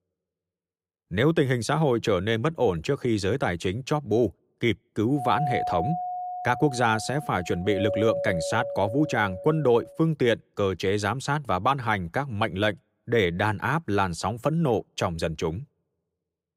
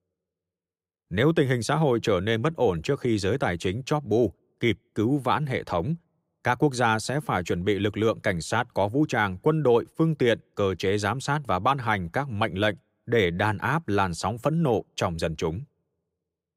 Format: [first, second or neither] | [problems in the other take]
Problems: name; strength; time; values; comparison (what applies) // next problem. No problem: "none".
second | doorbell; noticeable; from 5 to 10 s; peak 2 dB below the speech